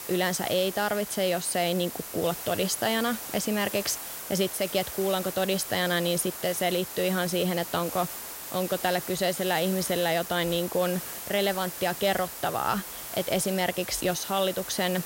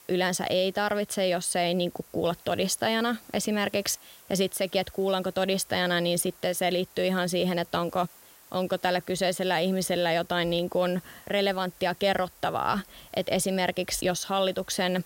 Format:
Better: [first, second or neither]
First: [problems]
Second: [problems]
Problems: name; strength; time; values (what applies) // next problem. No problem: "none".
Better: second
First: hiss; loud; throughout; 8 dB below the speech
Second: hiss; faint; throughout; 25 dB below the speech